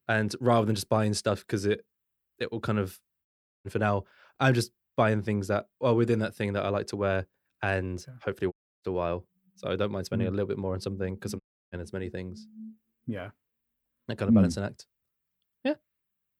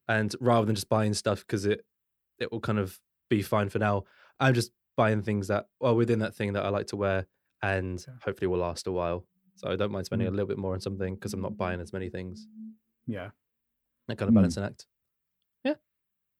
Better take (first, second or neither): second